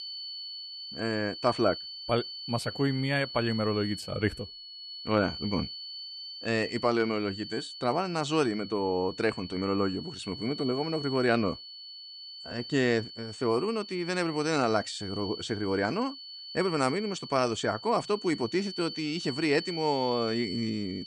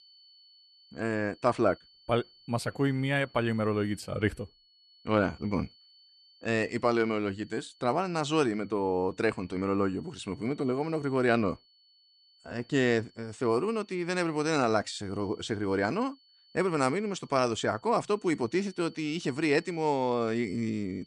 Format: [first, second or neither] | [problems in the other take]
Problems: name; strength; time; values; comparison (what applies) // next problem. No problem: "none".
second | high-pitched whine; loud; throughout; 4.5 kHz, 10 dB below the speech; faint in the second